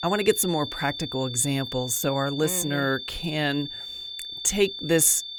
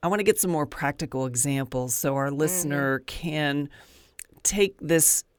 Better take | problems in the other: second | high-pitched whine; loud; throughout; 3.5 kHz, 9 dB below the speech

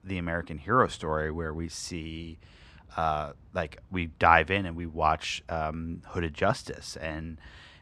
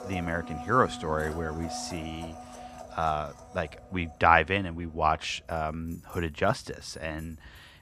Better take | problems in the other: first | household noises; noticeable; throughout; 15 dB below the speech

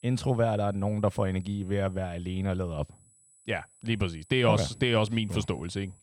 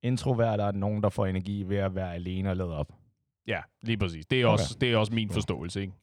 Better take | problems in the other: second | high-pitched whine; faint; throughout; 8 kHz, 30 dB below the speech

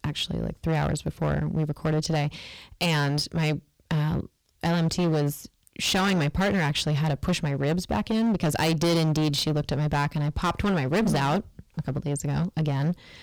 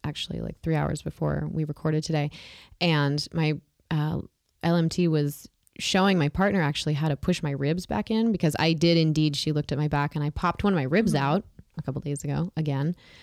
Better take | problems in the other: second | distortion; heavy; 16% of the sound clipped

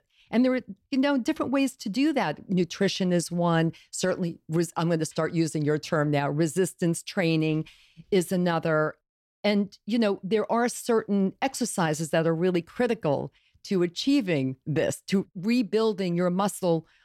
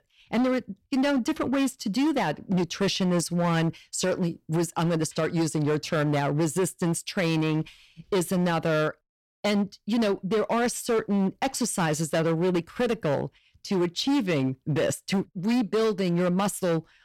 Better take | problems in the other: first | distortion; slight; 16% of the sound clipped

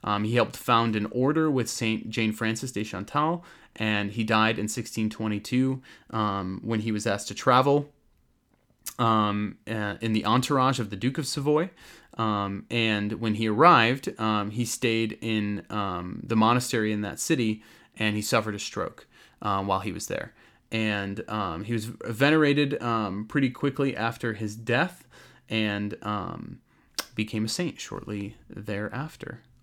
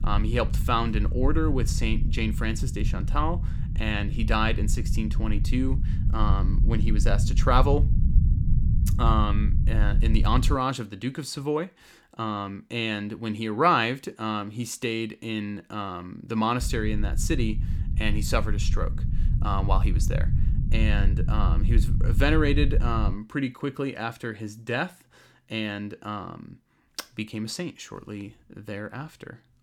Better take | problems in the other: first | low rumble; noticeable; until 11 s and from 17 to 23 s; 10 dB below the speech

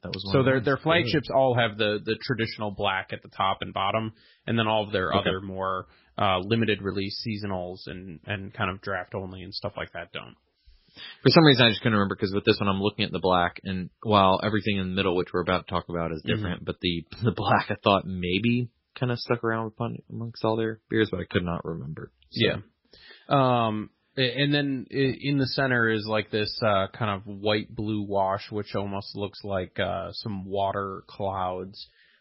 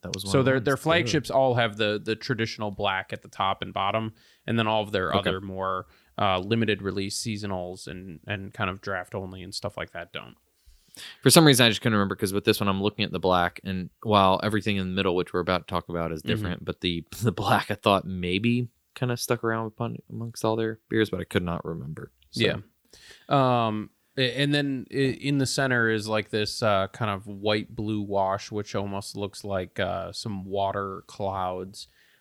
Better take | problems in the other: second | garbled, watery; badly; nothing above 5.5 kHz

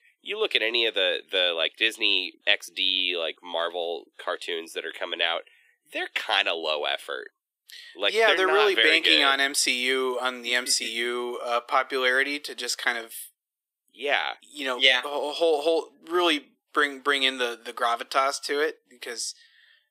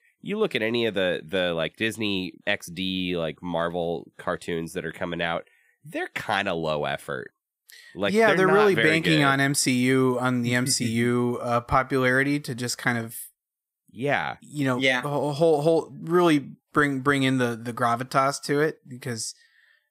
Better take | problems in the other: second | thin; somewhat; fading below 350 Hz

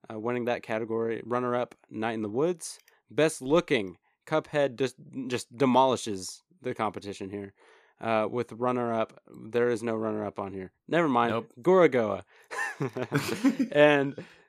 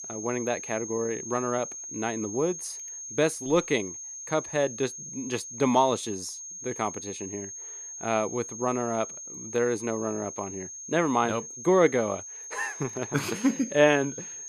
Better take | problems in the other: first | high-pitched whine; loud; throughout; 6.5 kHz, 9 dB below the speech

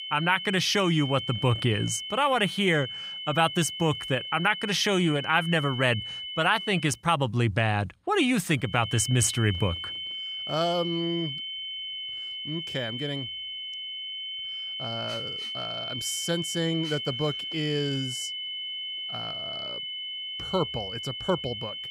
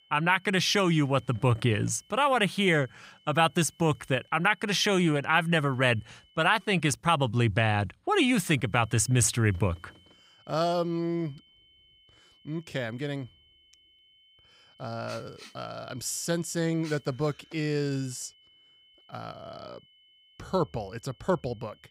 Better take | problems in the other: second | high-pitched whine; loud; until 7 s and from 8.5 s on; 3 kHz, 6 dB below the speech; faint in the second

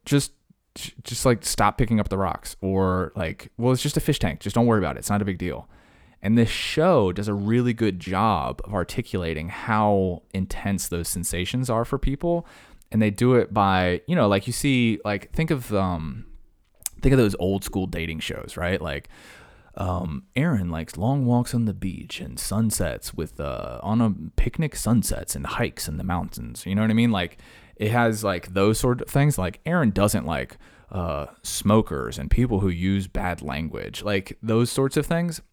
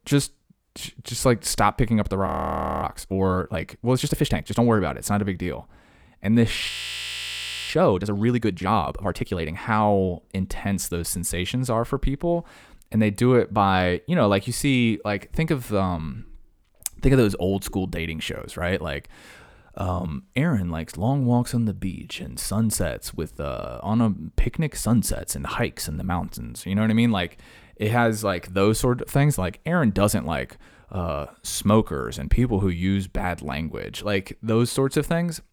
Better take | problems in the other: first | audio freezing; at 2.5 s for 0.5 s and at 6.5 s for 1 s

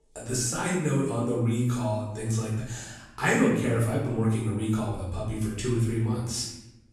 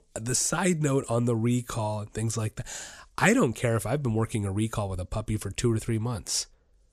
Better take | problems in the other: second | room echo; noticeable; dies away in 0.8 s // off-mic speech; far

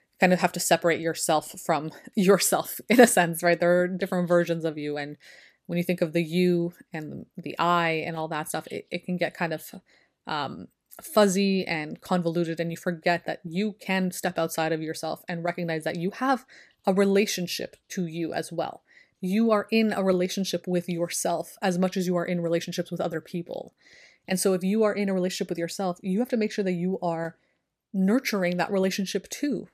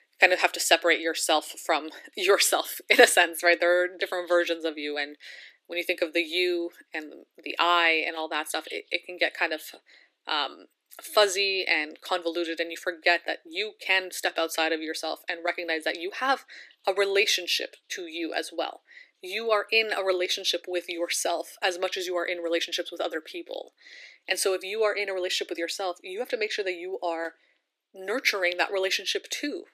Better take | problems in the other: first | thin; very; fading below 300 Hz

